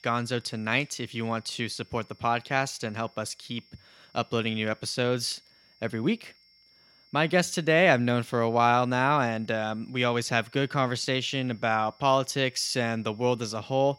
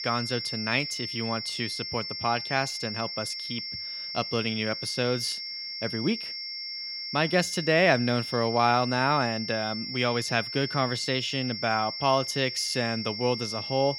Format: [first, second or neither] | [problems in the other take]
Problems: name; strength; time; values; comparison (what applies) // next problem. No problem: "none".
first | high-pitched whine; loud; throughout; 5.5 kHz, 5 dB below the speech; faint in the first